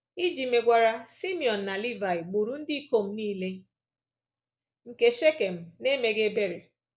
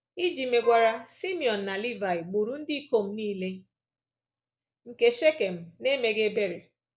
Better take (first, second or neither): first